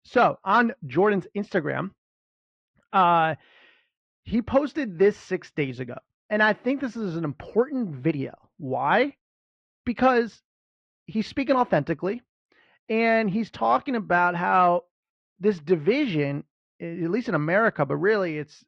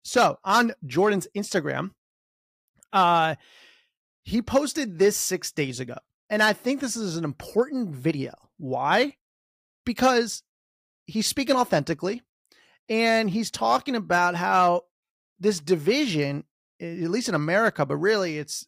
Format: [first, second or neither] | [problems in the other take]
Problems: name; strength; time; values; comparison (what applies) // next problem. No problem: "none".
second | muffled; very; fading above 2.5 kHz